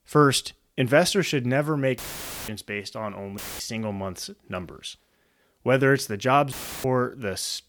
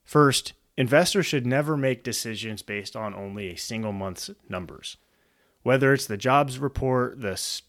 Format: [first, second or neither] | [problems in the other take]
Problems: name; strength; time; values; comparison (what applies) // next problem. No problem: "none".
second | audio cutting out; filled with static; at 2 s for 0.5 s, at 3.5 s and at 6.5 s